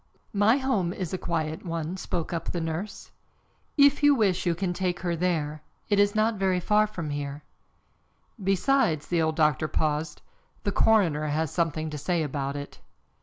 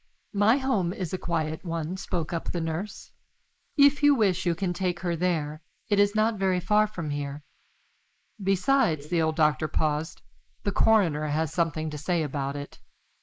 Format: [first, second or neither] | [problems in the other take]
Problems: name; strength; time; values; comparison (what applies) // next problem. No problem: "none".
first | noise reduction (neural mask model Resemble Enhance denoiser)